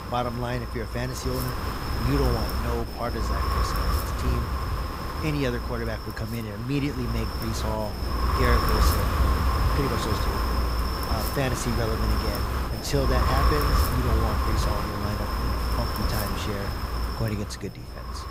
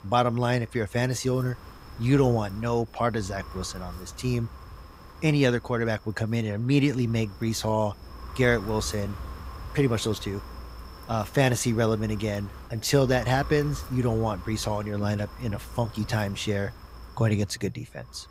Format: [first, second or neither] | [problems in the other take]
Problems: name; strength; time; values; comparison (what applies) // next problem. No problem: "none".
second | wind noise on the microphone; heavy; 3 dB above the speech; occasional gusts in the second